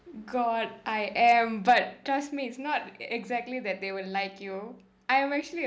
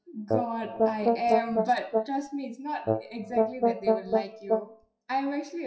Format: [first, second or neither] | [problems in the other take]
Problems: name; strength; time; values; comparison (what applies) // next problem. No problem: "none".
first | noise reduction (classical method WPE with log-MMSE)